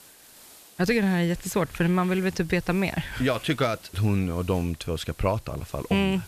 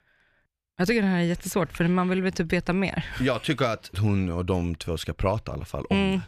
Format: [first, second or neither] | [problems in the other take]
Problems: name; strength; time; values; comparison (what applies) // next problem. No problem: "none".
second | hiss; faint; throughout; 20 dB below the speech